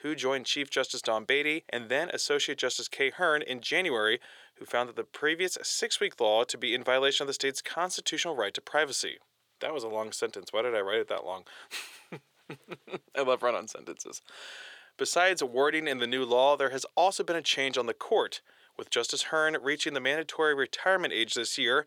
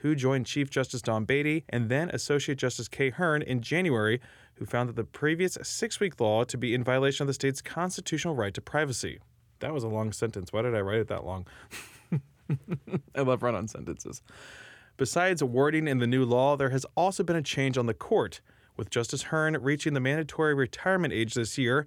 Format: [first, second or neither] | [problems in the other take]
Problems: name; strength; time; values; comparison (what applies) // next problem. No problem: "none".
second | thin; very; fading below 550 Hz